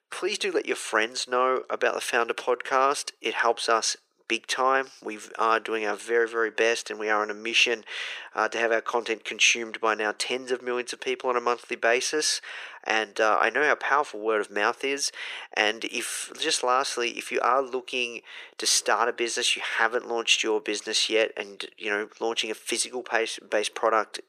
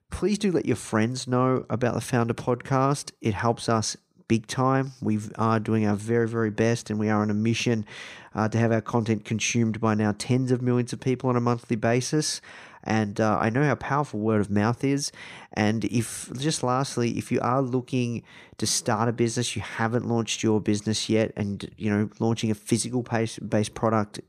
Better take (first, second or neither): second